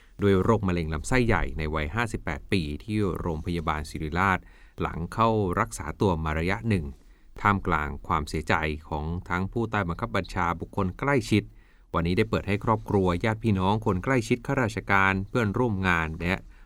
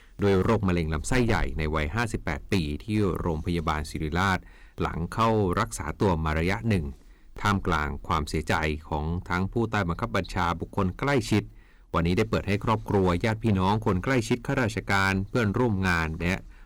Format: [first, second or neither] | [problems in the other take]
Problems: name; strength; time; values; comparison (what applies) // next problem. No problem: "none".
first | distortion; slight; 5% of the sound clipped